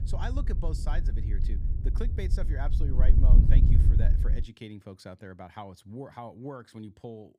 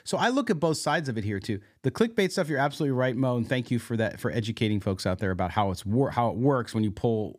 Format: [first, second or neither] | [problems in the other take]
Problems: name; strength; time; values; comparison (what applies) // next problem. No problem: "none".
second | wind noise on the microphone; heavy; until 4.5 s; 2 dB below the speech